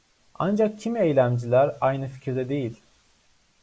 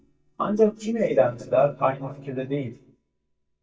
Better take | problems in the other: first | noise reduction (neural mask model DeepFilterNet 3)

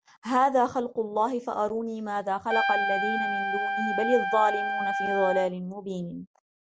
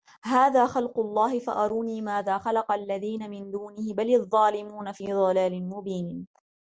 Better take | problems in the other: second | background sound (Trumpet); as loud as the speech

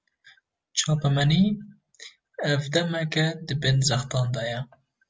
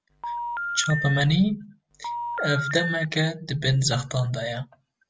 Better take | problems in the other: first | background sound (Telephone); 5 dB below the speech

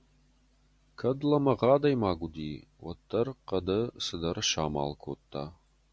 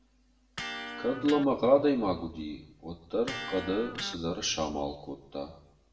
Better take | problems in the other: first | background sound (Electric guitar); 13 dB below the speech // room echo; dies away in 0.7 s

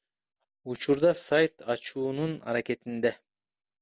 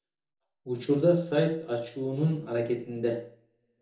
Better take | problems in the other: first | room echo; dies away in 0.6 s

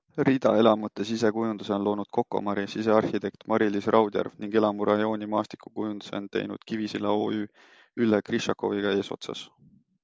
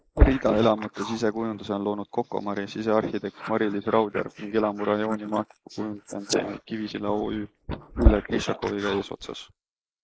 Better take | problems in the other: first | noise reduction (neural mask model Resemble Enhance denoiser)

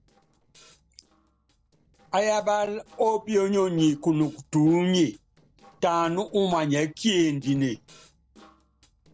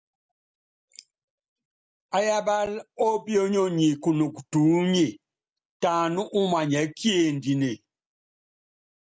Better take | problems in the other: second | noise reduction (neural separator model SepFormer DNS4)

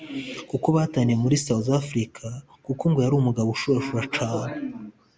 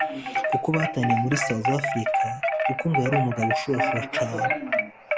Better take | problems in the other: first | background sound (Wind chime); 2 dB above the speech

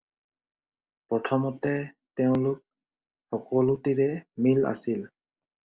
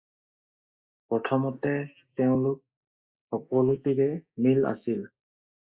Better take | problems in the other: first | noise reduction (neural mask model Resemble Enhance denoiser)

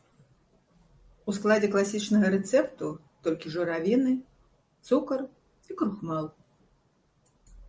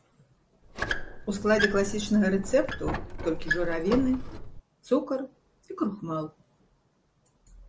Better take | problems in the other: first | background sound (Squeak); 3 dB below the speech

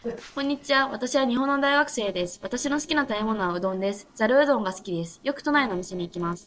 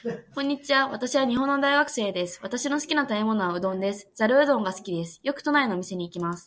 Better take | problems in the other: second | noise reduction (neural separator model SepFormer DNS4)

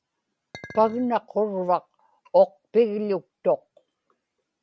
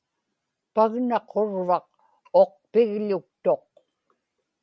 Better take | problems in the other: second | background sound (Chink, clink); 20 dB below the speech

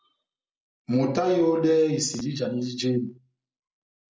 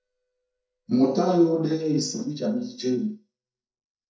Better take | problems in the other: first | noise reduction (neural mask model DeepFilterNet 3)

